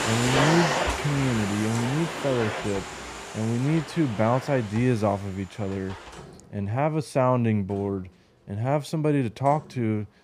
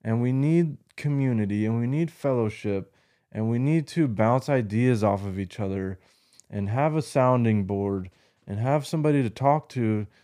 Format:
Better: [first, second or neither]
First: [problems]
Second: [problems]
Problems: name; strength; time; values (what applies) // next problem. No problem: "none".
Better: second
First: household noises; loud; throughout; 3 dB below the speech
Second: none